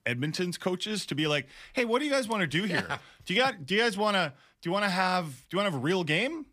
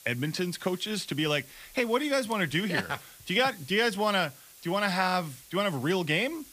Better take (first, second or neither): first